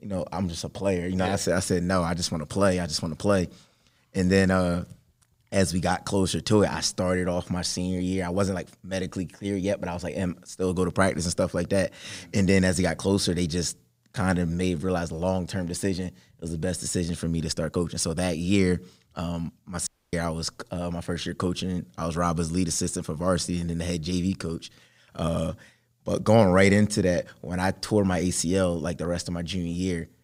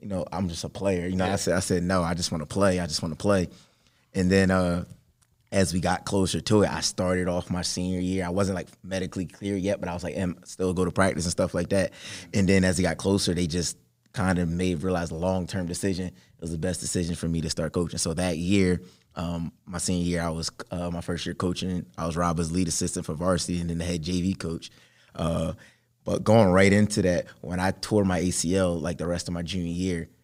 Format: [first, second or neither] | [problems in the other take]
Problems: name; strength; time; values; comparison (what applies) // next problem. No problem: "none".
second | audio cutting out; at 20 s